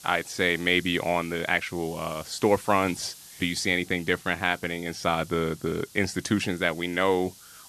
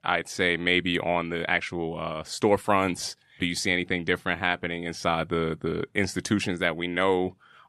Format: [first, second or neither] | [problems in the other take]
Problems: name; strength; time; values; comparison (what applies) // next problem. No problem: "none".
second | hiss; noticeable; throughout; 20 dB below the speech